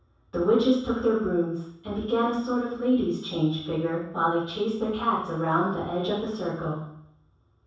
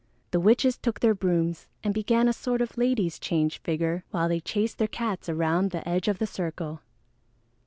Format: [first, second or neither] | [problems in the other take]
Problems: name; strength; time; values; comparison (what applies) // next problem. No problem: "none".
second | room echo; dies away in 0.7 s